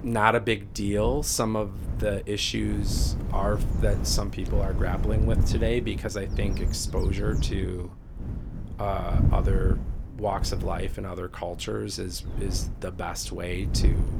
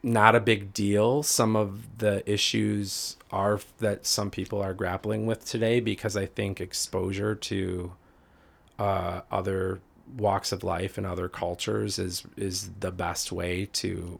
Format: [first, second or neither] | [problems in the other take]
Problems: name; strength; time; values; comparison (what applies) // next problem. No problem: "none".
second | wind noise on the microphone; occasional gusts; 10 dB below the speech